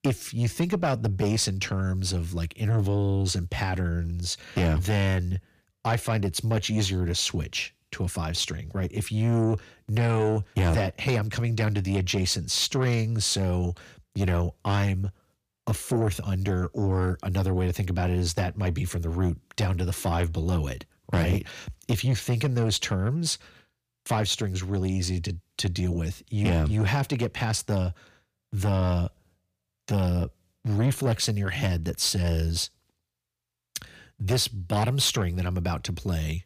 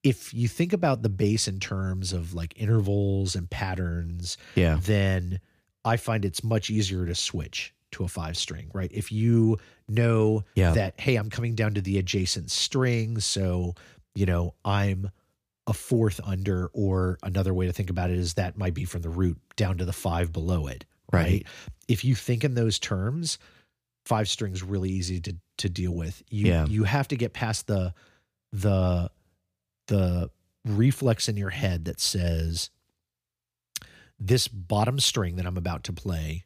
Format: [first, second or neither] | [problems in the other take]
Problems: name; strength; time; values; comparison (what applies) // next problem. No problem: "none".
second | distortion; slight; 10 dB below the speech